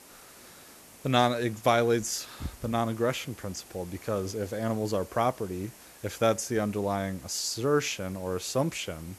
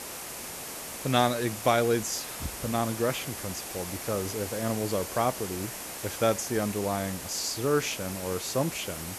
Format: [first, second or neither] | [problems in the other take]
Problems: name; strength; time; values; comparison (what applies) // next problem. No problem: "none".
first | hiss; loud; throughout; 7 dB below the speech; faint in the first